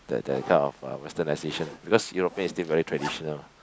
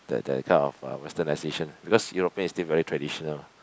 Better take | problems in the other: second | background sound (Zipper (clothing)); 16 dB below the speech

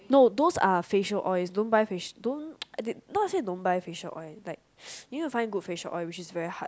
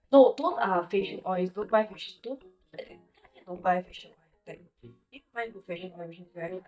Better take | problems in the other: first | noise reduction (neural mask model DeepFilterNet 3)

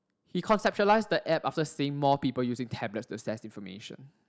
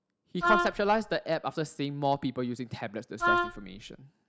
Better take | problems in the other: first | background sound (Wind instrument, woodwind instrument); 2 dB above the speech

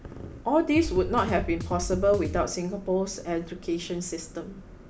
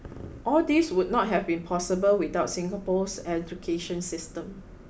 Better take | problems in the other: second | background sound (Drum kit); 6 dB below the speech

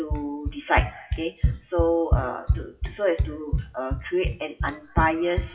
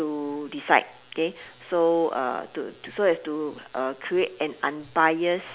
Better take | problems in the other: second | noise reduction (classical method WPE with log-MMSE)

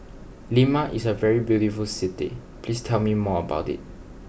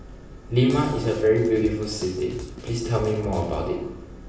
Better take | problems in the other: first | background sound (Drum kit); 14 dB below the speech // room echo; dies away in 0.9 s

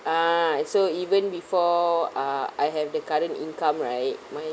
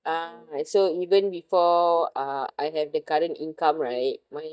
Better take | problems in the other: first | noise reduction (neural mask model DeepFilterNet 3)

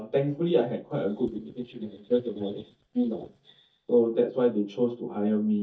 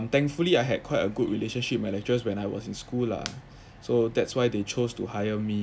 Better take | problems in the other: second | noise reduction (neural mask model DeepFilterNet 3)

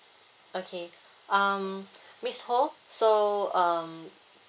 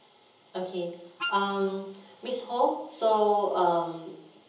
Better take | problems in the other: first | background sound (Wind instrument, woodwind instrument); 8 dB below the speech // room echo; dies away in 0.8 s

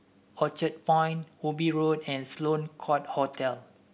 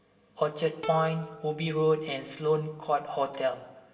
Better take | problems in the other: first | background sound (Plucked string instrument); 17 dB below the speech // room echo; dies away in 1.2 s

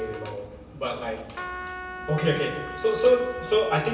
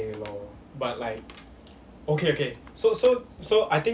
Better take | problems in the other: second | background sound (Trumpet); 11 dB below the speech // room echo; dies away in 1 s

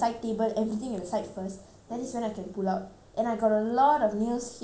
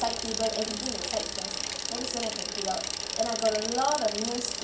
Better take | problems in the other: first | background sound (Bicycle); 2 dB below the speech // room echo; dies away in 0.2 s

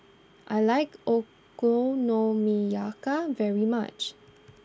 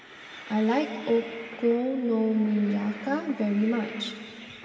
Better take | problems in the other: first | background sound (Train); 17 dB below the speech // room echo; dies away in 2.7 s

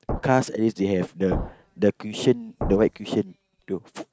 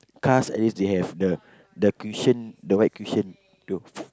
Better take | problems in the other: second | noise reduction (neural mask model RNNoise)

